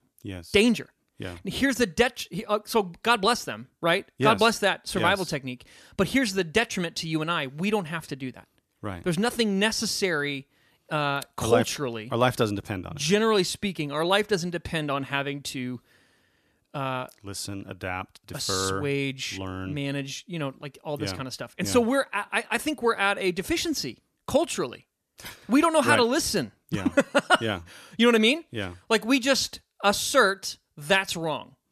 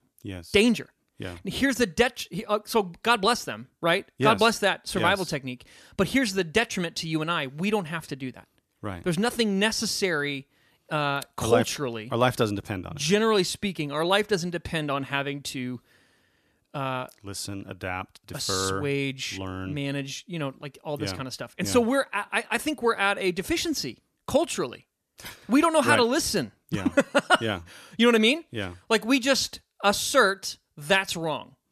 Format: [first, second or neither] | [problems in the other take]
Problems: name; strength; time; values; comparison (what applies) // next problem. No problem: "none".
neither | none